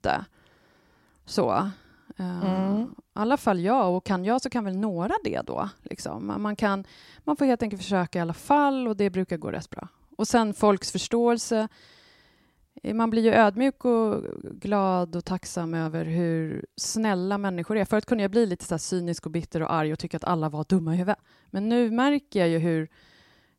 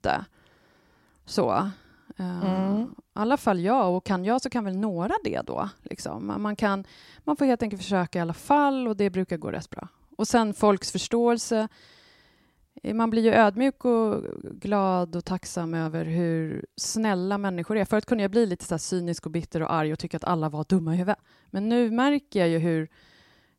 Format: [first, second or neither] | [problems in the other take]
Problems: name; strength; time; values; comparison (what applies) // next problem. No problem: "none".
neither | none